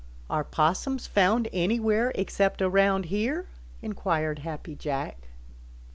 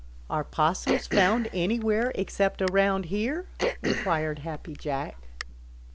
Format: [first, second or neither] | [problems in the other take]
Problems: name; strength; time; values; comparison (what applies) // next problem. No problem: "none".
first | background sound (Cough); 7 dB below the speech